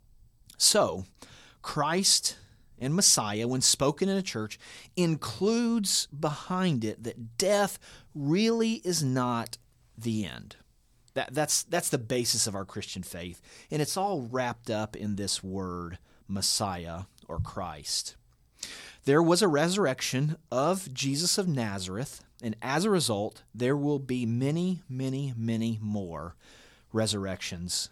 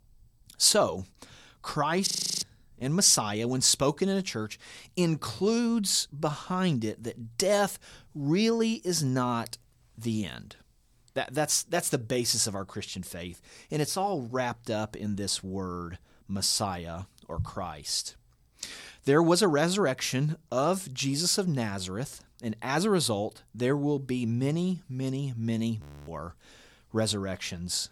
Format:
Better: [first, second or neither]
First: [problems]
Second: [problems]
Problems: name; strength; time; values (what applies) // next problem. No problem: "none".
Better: first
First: none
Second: audio freezing; at 2 s and at 26 s